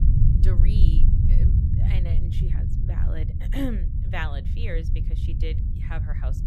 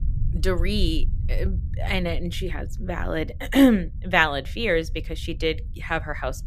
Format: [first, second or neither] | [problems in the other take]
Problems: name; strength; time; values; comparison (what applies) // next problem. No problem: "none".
second | low rumble; loud; throughout; 2 dB below the speech; faint in the second